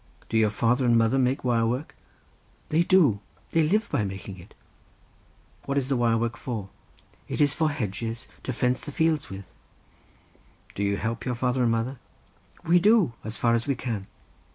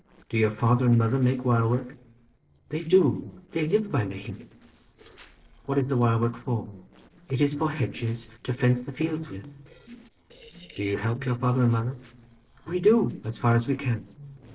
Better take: first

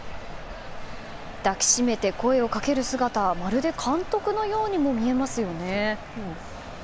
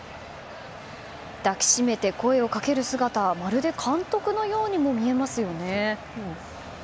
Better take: second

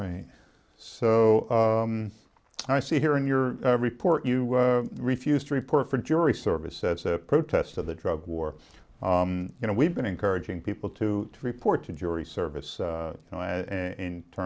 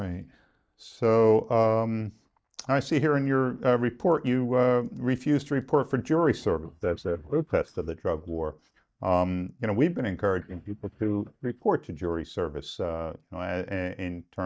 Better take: first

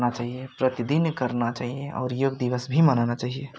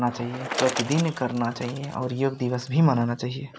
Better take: first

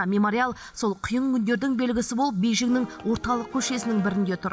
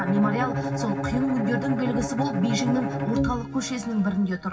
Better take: first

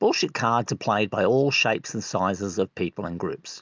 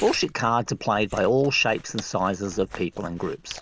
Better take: first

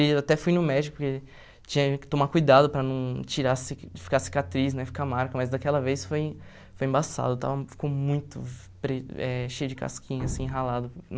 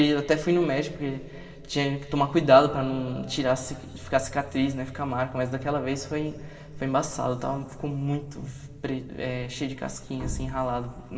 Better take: first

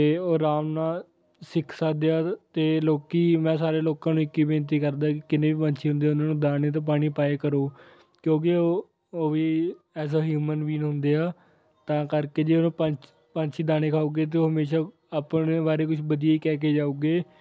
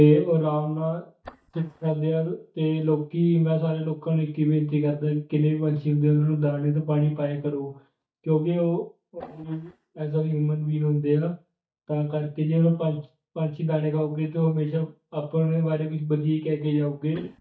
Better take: first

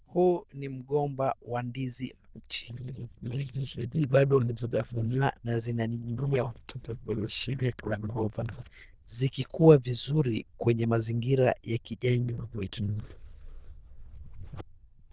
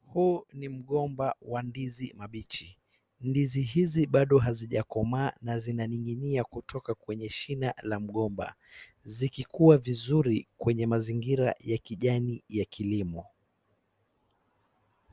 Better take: second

